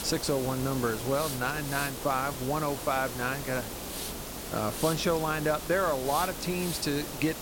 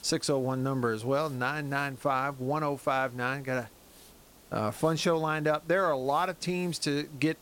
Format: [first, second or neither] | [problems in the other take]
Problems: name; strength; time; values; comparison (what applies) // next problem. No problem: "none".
second | hiss; loud; throughout; 6 dB below the speech; faint in the second